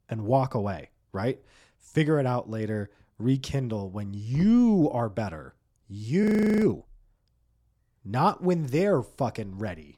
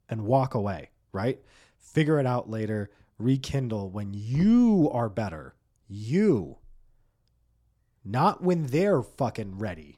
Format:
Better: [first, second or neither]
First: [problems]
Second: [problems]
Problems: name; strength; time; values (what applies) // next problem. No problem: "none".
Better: second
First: audio freezing; at 6 s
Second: none